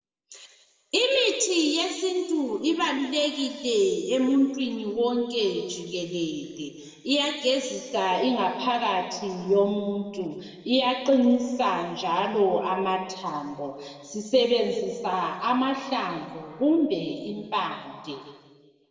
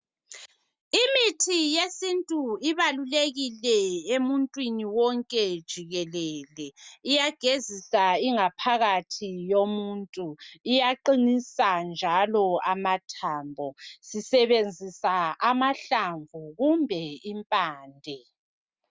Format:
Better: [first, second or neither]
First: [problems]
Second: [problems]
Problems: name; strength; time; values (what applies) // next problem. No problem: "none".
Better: second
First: room echo; dies away in 1.6 s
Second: none